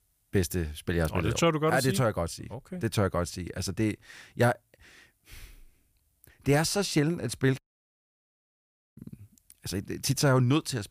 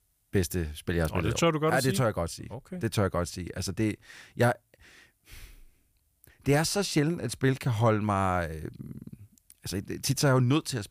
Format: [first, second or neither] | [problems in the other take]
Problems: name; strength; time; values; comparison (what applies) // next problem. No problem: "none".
second | audio cutting out; at 7.5 s for 1.5 s